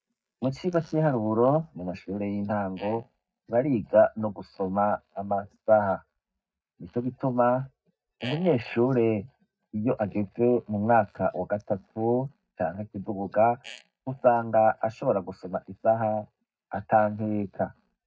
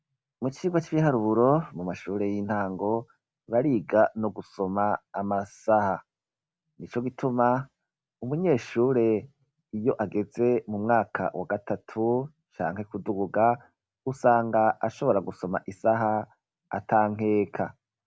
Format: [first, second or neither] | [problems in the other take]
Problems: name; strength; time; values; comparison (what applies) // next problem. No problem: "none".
second | noise reduction (neural mask model DeepFilterNet 3)